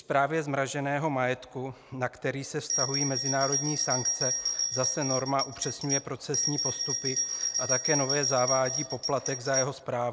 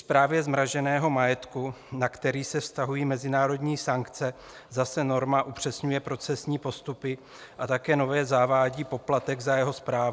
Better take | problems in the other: second | background sound (Bell); as loud as the speech

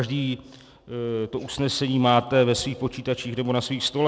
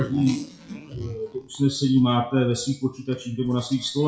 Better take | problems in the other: first | noise reduction (classical method WPE with log-MMSE)

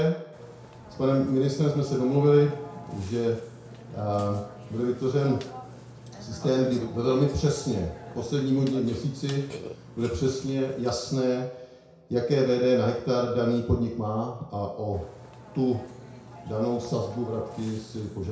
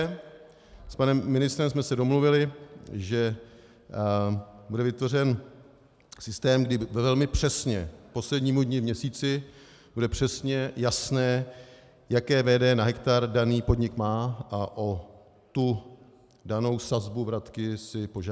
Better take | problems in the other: second | background sound (Burping, eructation); 17 dB below the speech // room echo; dies away in 0.6 s

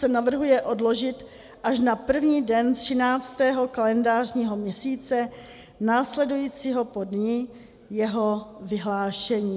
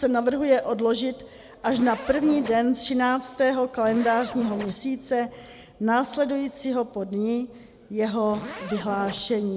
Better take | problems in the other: first | background sound (Zipper (clothing)); 12 dB below the speech

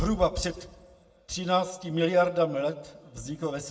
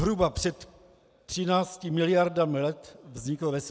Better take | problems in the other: second | room echo; dies away in 0.6 s

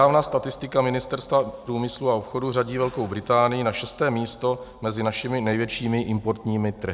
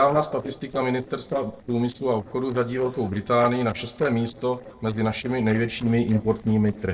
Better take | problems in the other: first | noise reduction (neural separator model SepFormer DNS4)

